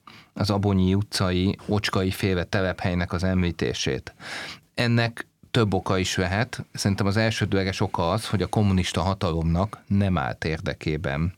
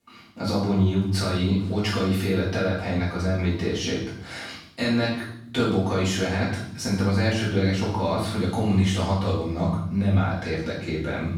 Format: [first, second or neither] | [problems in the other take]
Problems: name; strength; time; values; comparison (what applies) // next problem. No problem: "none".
first | off-mic speech; far // room echo; noticeable; dies away in 0.7 s